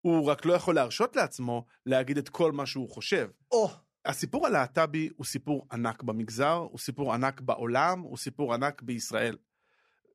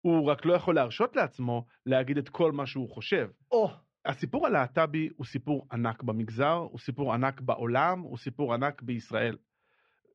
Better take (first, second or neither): first